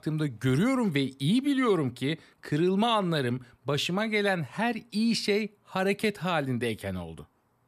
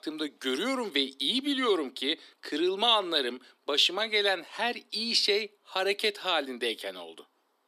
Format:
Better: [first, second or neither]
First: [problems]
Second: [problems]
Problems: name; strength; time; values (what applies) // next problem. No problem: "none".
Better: first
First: none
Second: thin; somewhat; fading below 300 Hz